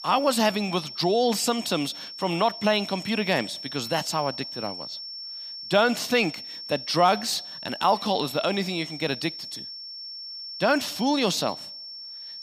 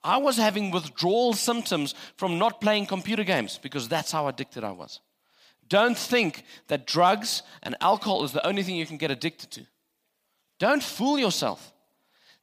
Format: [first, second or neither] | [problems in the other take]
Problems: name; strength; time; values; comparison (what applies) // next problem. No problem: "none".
second | high-pitched whine; noticeable; throughout; 5.5 kHz, 10 dB below the speech